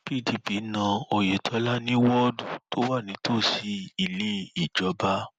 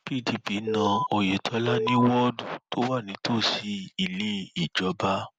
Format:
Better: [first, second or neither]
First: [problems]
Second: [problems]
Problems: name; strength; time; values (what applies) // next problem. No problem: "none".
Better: first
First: none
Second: background sound (Alarm); 1 dB above the speech